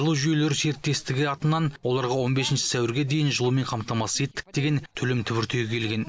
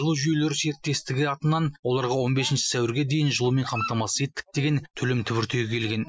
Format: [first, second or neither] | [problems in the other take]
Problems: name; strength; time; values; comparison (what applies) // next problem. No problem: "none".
first | noise reduction (classical method Wiener filter)